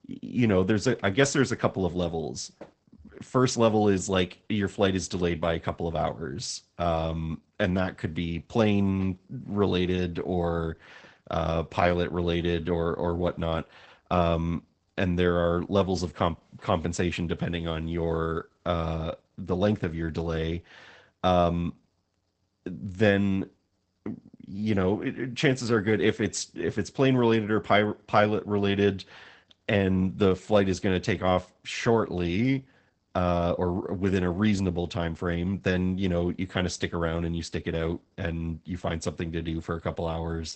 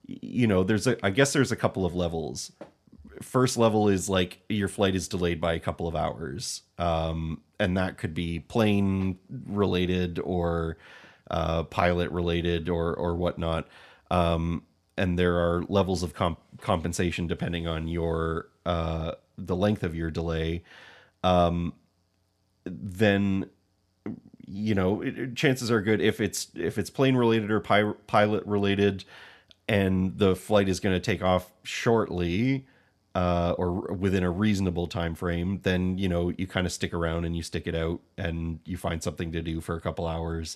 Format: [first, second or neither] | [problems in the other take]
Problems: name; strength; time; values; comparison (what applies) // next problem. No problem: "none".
second | garbled, watery; badly; nothing above 8 kHz